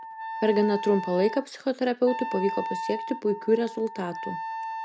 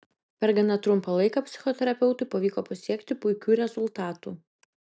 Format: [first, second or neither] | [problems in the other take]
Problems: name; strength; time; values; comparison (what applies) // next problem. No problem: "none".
second | background sound (Wind instrument, woodwind instrument); 8 dB below the speech